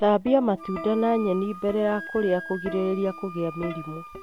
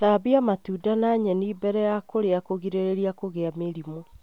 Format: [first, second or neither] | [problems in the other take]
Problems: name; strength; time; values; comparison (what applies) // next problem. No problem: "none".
second | background sound (Wind instrument, woodwind instrument + Plucked string instrument); 13 dB below the speech